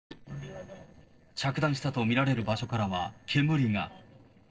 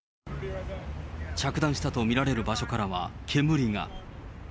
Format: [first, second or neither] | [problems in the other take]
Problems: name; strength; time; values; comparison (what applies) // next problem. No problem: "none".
second | noise reduction (neural separator model SepFormer DNS4)